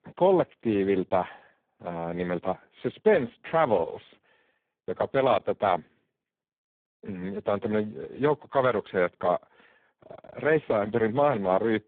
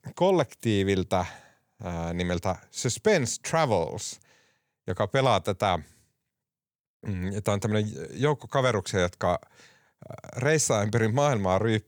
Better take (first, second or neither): second